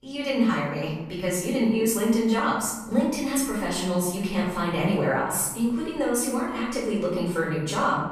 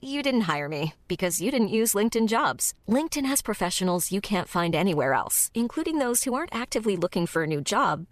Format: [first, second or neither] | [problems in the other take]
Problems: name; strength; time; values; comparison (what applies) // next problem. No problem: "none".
second | off-mic speech; far // room echo; noticeable; dies away in 1.1 s